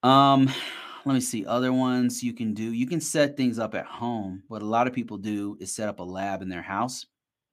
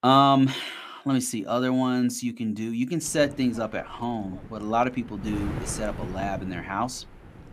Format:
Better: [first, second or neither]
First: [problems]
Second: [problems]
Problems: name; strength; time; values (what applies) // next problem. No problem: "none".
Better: first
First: none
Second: wind noise on the microphone; occasional gusts; from 3 s on; 15 dB below the speech